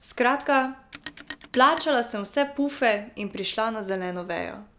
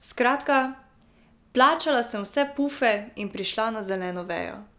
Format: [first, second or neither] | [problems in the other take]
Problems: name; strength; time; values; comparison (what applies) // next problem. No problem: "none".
second | background sound (Telephone); 18 dB below the speech